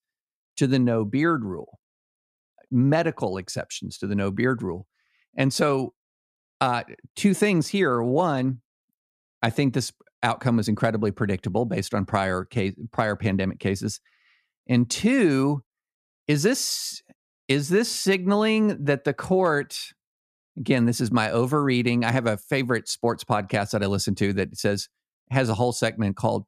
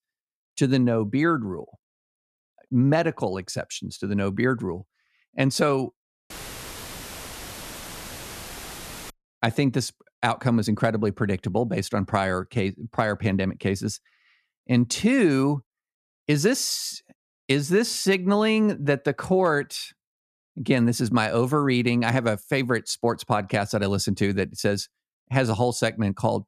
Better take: first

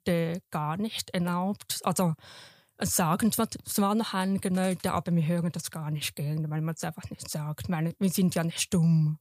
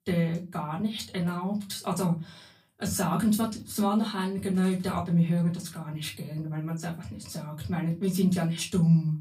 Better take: first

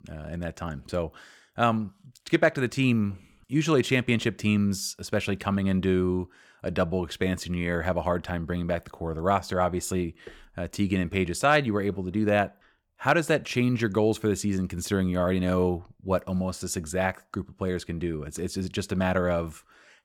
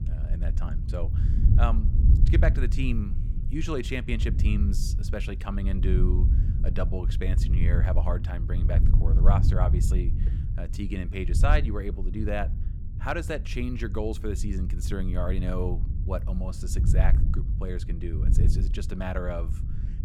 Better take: first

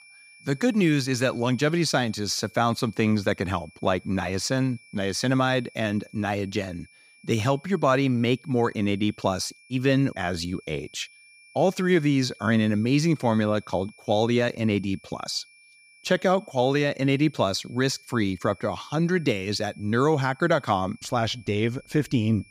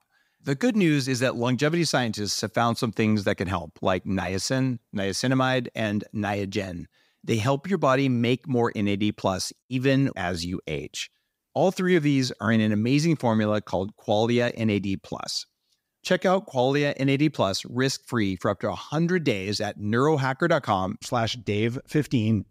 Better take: second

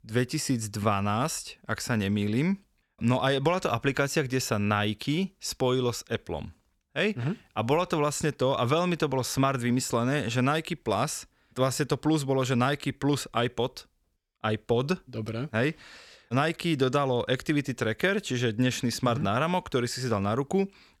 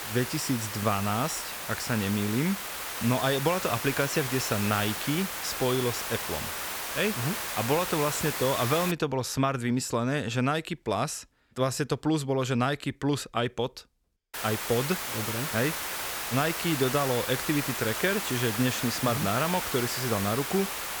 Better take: first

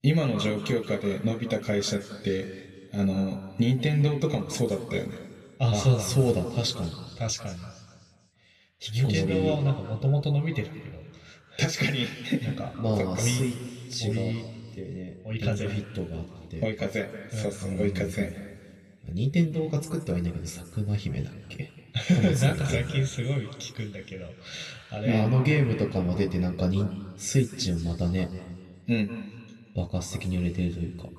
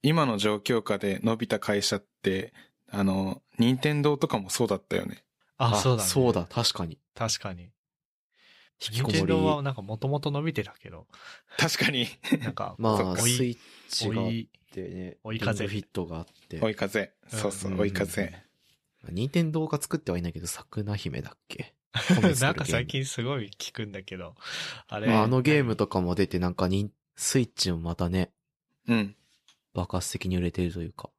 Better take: second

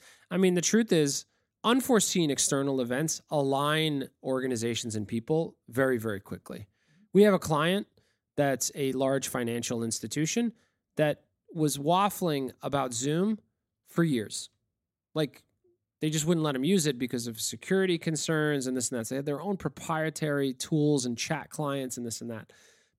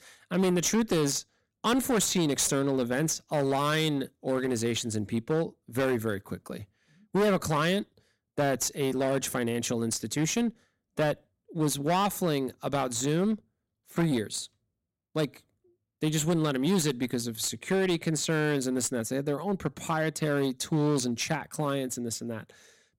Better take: first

